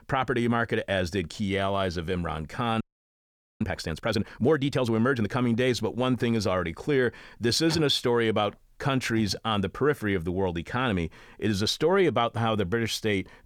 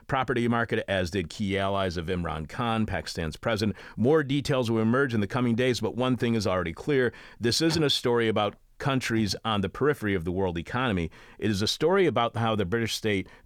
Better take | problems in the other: second | audio freezing; at 3 s for 1 s

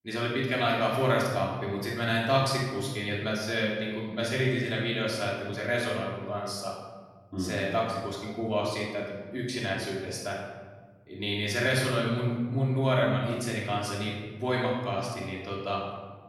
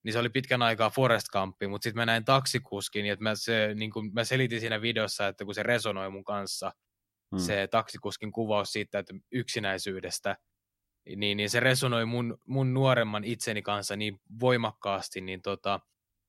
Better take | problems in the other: second | off-mic speech; far // room echo; noticeable; dies away in 1.6 s

